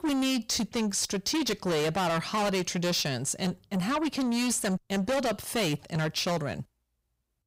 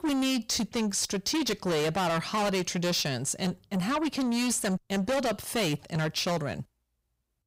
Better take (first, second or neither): neither